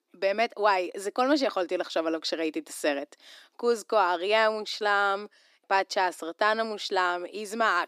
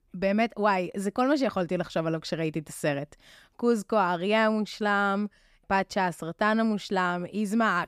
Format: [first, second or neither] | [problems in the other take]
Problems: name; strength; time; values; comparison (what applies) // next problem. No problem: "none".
second | thin; somewhat; fading below 300 Hz